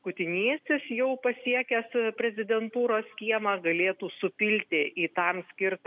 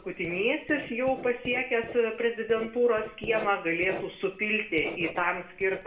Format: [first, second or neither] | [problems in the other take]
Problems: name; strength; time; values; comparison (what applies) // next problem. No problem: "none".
first | background sound (Writing); 15 dB below the speech // room echo; dies away in 0.5 s